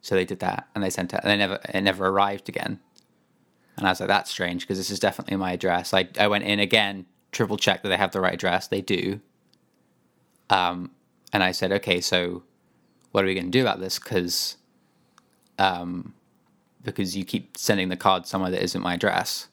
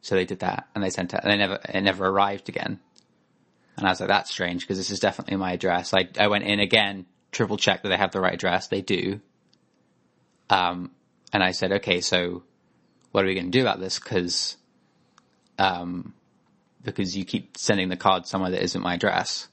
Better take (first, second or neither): first